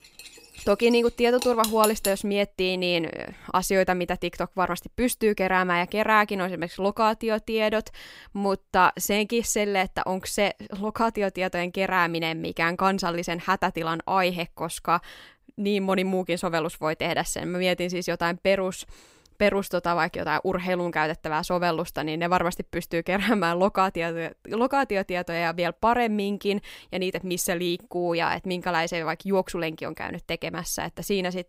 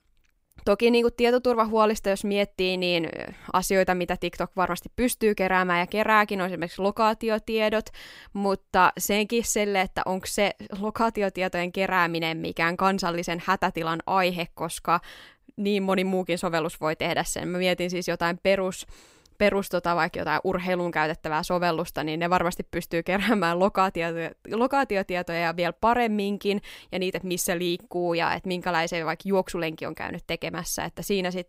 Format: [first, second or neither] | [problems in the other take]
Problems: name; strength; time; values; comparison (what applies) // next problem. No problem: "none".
second | clattering dishes; noticeable; until 2 s; peak 4 dB below the speech